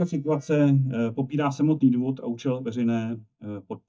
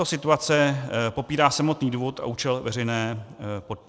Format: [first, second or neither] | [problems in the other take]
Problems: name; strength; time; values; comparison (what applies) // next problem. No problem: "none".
second | noise reduction (neural mask model DeepFilterNet 3)